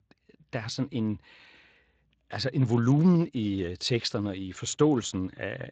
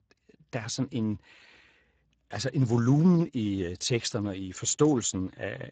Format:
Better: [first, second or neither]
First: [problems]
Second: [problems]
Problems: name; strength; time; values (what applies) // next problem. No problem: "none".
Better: first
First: garbled, watery; slightly; nothing above 7.5 kHz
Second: garbled, watery; badly; nothing above 7.5 kHz